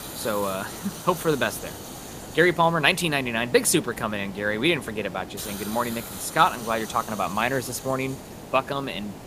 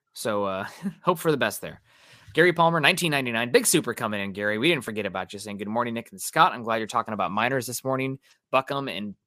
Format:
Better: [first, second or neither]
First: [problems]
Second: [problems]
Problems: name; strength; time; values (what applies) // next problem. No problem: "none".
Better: second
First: hiss; noticeable; throughout; 15 dB below the speech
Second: none